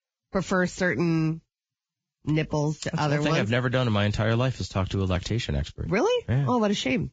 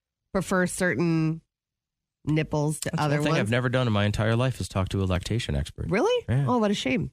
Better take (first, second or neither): second